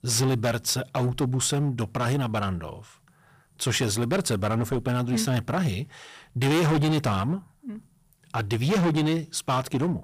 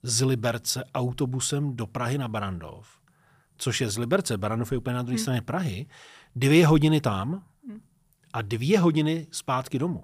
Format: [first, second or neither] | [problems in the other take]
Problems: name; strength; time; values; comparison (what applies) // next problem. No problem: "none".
second | distortion; heavy; 14% of the sound clipped